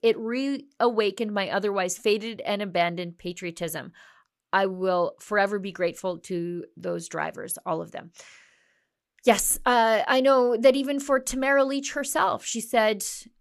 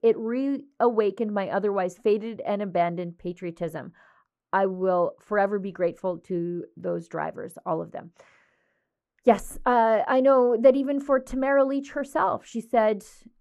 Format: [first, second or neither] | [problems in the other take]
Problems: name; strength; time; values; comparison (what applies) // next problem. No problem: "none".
first | muffled; very; fading above 2 kHz